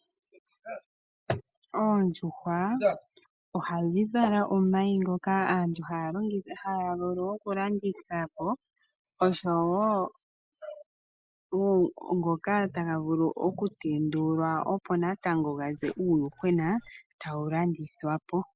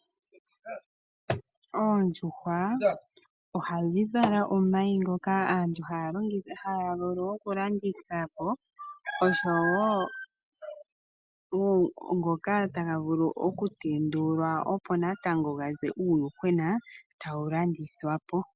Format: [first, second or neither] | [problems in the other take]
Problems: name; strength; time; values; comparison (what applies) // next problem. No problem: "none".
second | noise reduction (neural mask model Resemble Enhance denoiser)